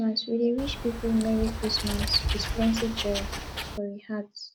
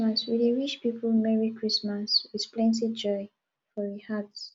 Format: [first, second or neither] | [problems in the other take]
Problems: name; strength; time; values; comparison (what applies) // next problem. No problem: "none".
second | background sound (Wild animals); 4 dB below the speech